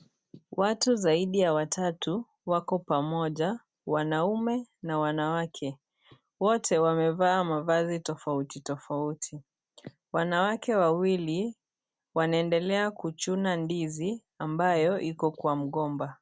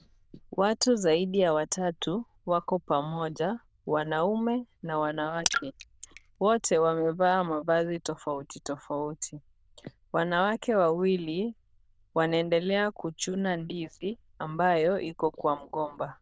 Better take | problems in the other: first | noise reduction (neural diffusion model UNIVERSE++)

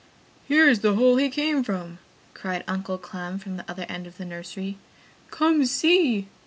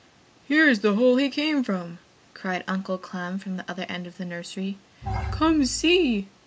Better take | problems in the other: first | background sound (Bowed string instrument); 8 dB below the speech

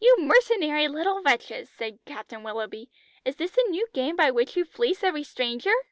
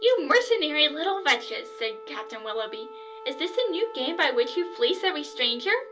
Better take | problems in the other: first | background sound (Wind instrument, woodwind instrument); 16 dB below the speech // room echo; dies away in 0.2 s

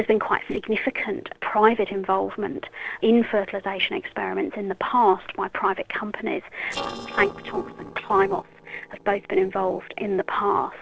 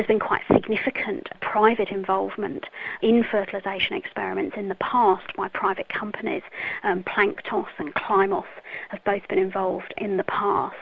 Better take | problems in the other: second | noise reduction (neural separator model SepFormer DNS4)

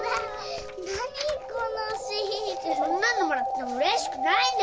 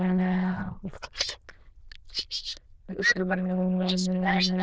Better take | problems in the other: first | noise reduction (neural diffusion model UNIVERSE++)

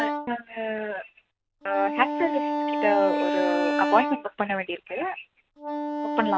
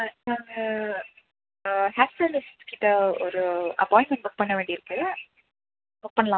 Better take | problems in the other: second | background sound (Wind instrument, woodwind instrument); 1 dB below the speech

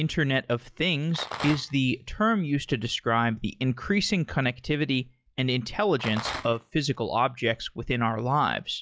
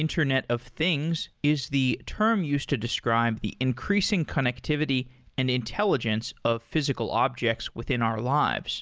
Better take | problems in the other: second | noise reduction (classical method log-MMSE)

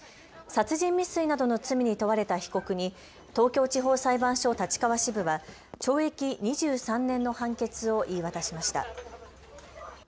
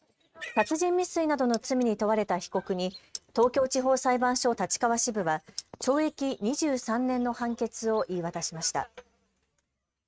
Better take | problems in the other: first | noise reduction (neural mask model RNNoise)

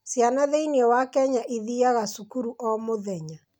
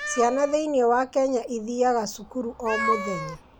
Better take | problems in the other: first | background sound (Meow); 9 dB below the speech

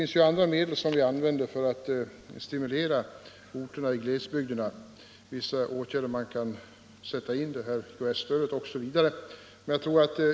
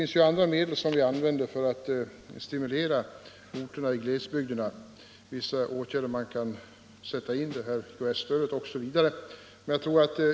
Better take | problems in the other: first | background sound (Snare drum); 20 dB below the speech

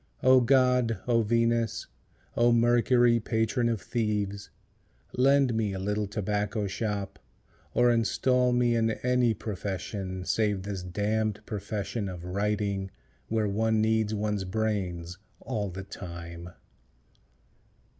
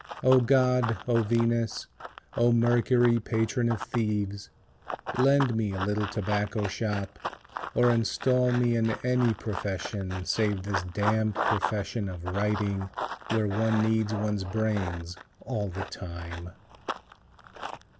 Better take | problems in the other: first | background sound (Run); 10 dB below the speech

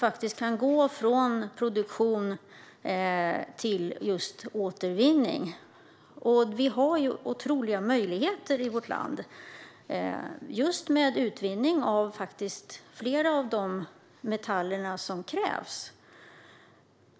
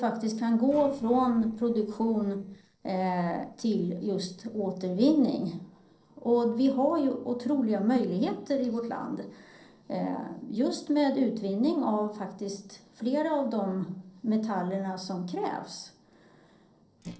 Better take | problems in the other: first | noise reduction (neural separator model SepFormer DNS4)

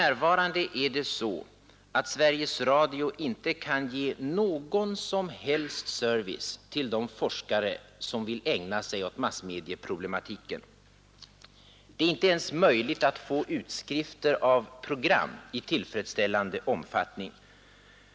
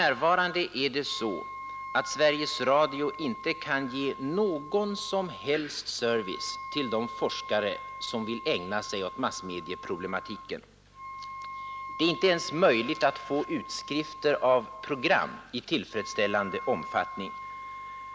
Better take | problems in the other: first | background sound (Wind instrument, woodwind instrument); 12 dB below the speech

